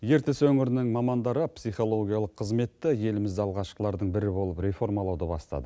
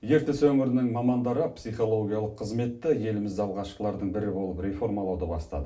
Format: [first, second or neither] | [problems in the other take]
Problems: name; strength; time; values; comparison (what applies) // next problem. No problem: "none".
first | room echo; dies away in 0.3 s